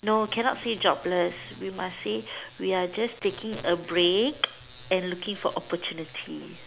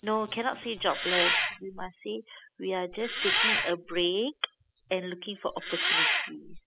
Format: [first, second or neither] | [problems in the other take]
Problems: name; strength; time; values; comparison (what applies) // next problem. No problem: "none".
first | noise reduction (classical method spectral subtraction)